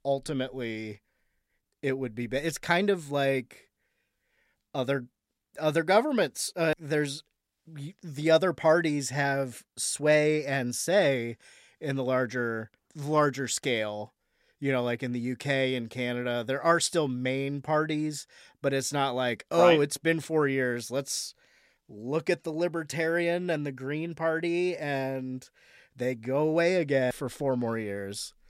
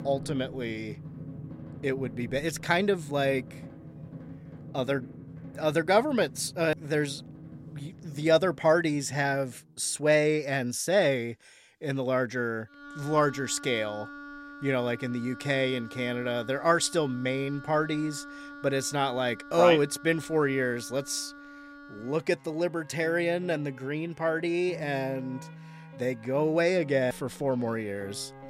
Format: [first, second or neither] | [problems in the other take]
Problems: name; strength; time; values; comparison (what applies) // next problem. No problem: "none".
first | background music; noticeable; throughout; 15 dB below the speech